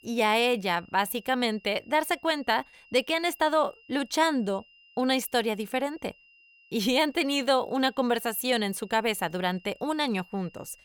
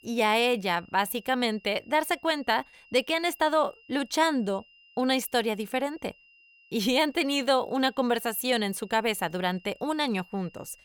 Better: neither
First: high-pitched whine; faint; throughout; 3 kHz, 30 dB below the speech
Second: high-pitched whine; faint; throughout; 3 kHz, 30 dB below the speech

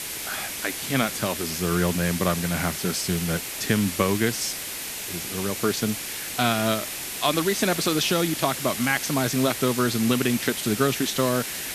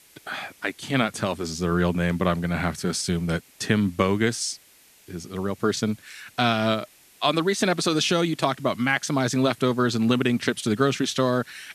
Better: second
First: hiss; loud; throughout; 5 dB below the speech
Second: hiss; faint; throughout; 25 dB below the speech

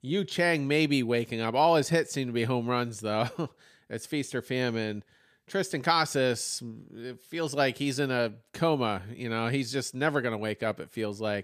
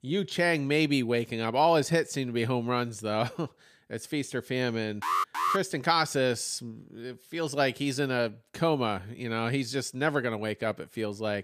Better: first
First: none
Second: alarm; loud; at 5 s; peak 1 dB above the speech

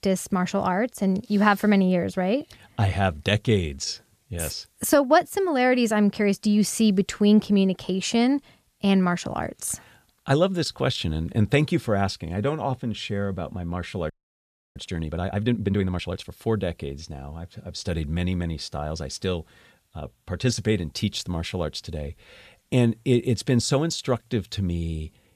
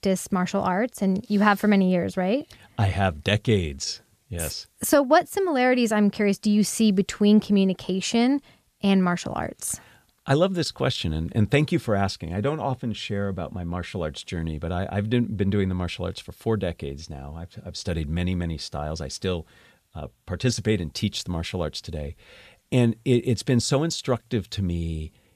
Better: second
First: audio freezing; at 14 s for 0.5 s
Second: none

